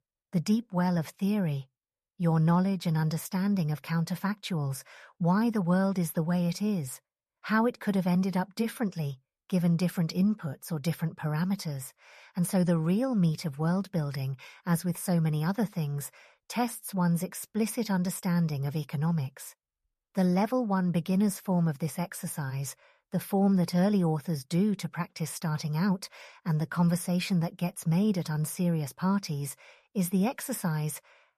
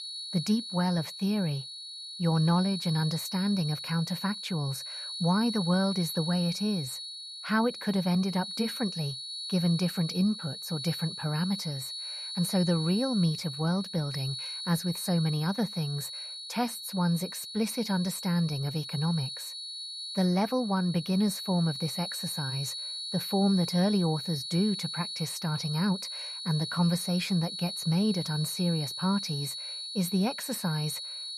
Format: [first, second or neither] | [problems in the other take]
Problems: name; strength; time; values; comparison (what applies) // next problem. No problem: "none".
first | high-pitched whine; loud; throughout; 4.5 kHz, 6 dB below the speech